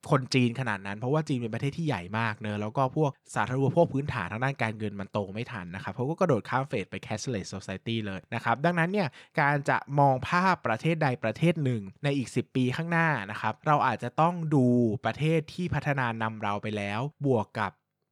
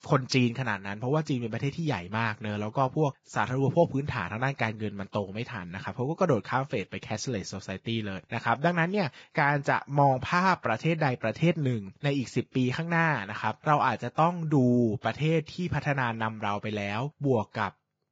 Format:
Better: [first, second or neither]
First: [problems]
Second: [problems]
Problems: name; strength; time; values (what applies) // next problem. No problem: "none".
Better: first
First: none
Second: garbled, watery; badly; nothing above 7.5 kHz